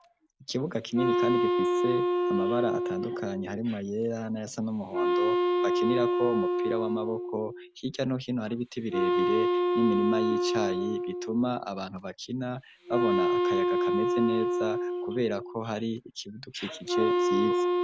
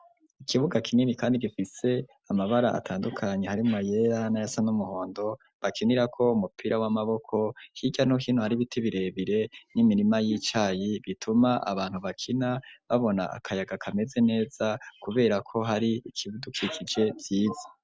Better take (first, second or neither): second